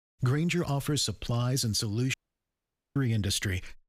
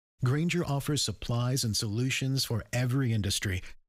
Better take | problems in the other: second | audio cutting out; at 2 s for 1 s

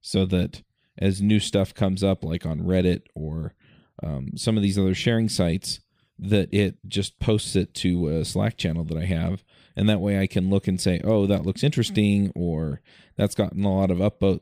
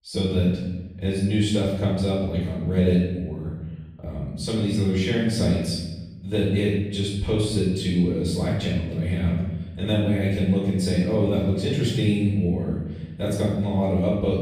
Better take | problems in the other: first | off-mic speech; far // room echo; noticeable; dies away in 1 s

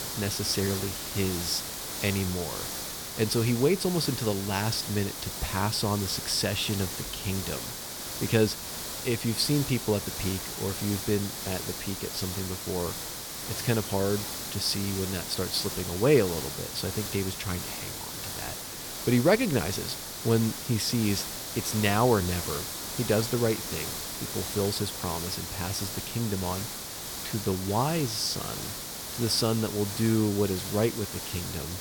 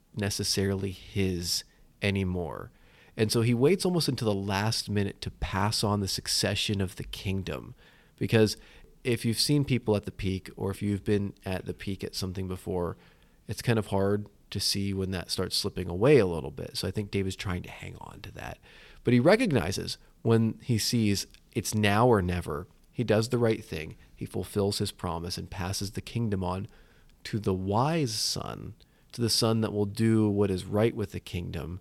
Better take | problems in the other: second | hiss; loud; throughout; 5 dB below the speech

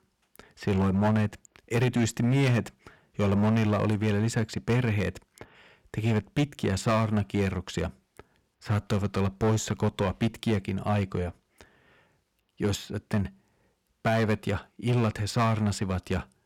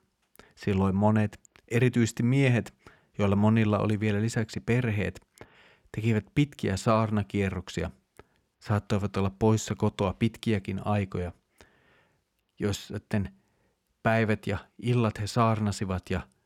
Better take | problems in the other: second | distortion; slight; 7% of the sound clipped

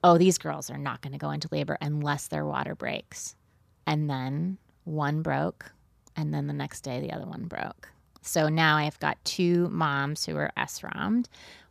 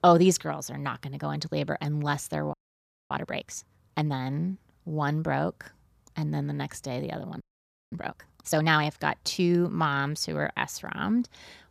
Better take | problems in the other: first | audio freezing; at 2.5 s for 0.5 s and at 7.5 s for 0.5 s

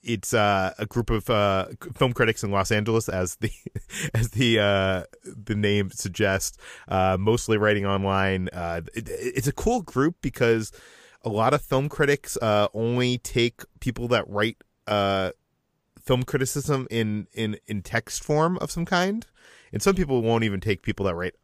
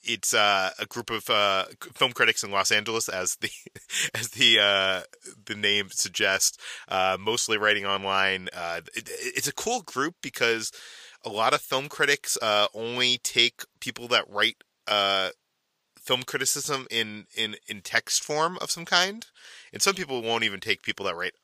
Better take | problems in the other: first | thin; somewhat; fading below 1 kHz

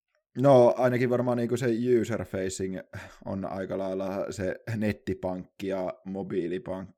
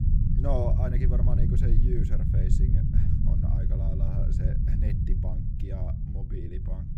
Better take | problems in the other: first | low rumble; loud; throughout; 1 dB below the speech

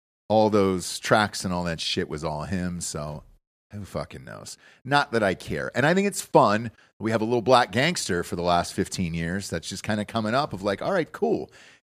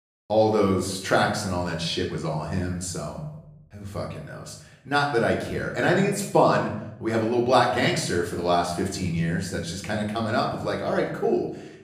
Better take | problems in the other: first | room echo; slight; dies away in 0.7 s // off-mic speech; far

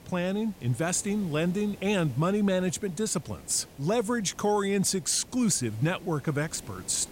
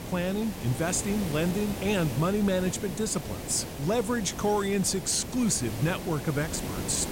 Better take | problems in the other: first | hiss; loud; throughout; 8 dB below the speech; faint in the first

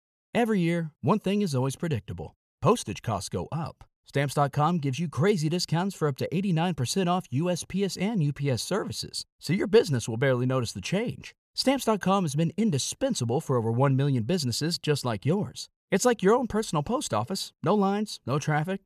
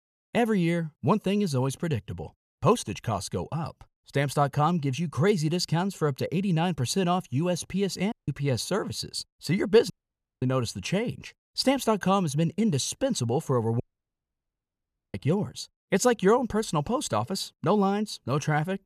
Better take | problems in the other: first | audio cutting out; at 8 s, at 10 s for 0.5 s and at 14 s for 1.5 s

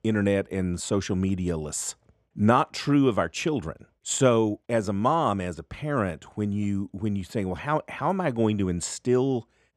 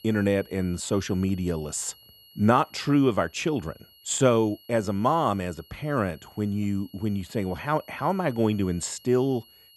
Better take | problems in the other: first | high-pitched whine; faint; throughout; 3 kHz, 25 dB below the speech

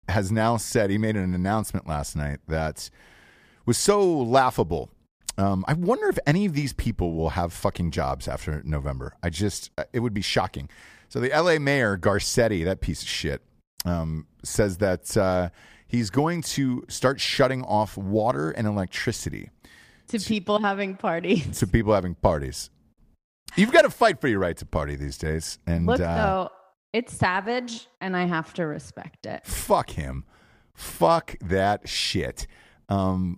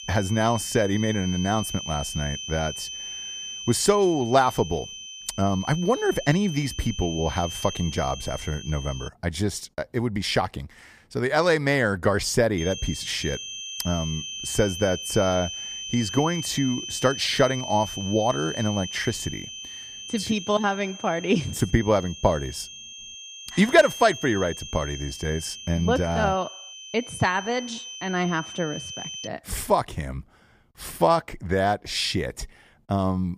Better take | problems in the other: first | high-pitched whine; loud; until 9 s and from 13 to 29 s; 3 kHz, 9 dB below the speech

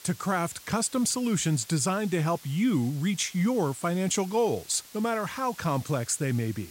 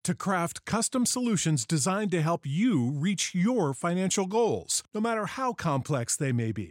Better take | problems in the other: second | hiss; noticeable; throughout; 20 dB below the speech

